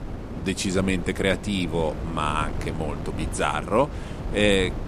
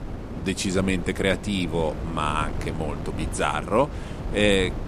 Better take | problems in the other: neither | wind noise on the microphone; occasional gusts; 15 dB below the speech; the same in both

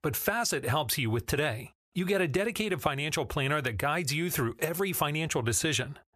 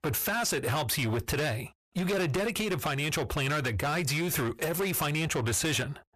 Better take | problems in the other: first | distortion; heavy; 26% of the sound clipped

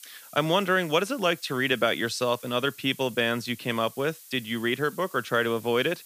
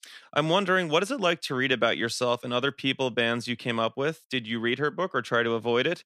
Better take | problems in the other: second | hiss; noticeable; throughout; 20 dB below the speech

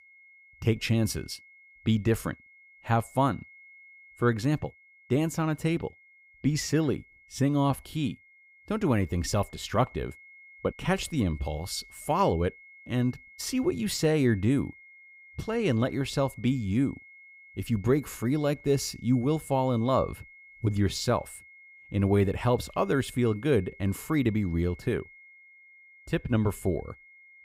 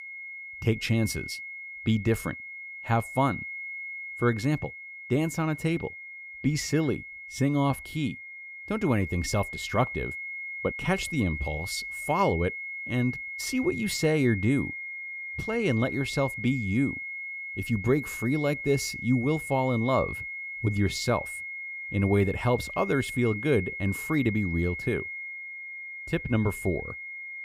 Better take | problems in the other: first | high-pitched whine; loud; throughout; 2 kHz, 8 dB below the speech; faint in the first

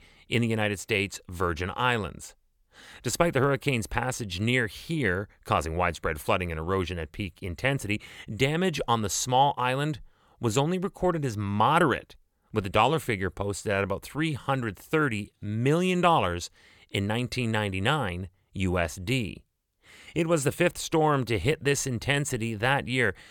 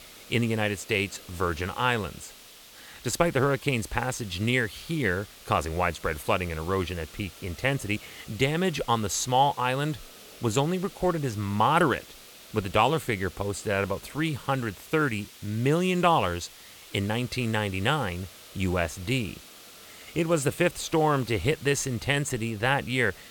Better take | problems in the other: first | hiss; noticeable; throughout; 20 dB below the speech

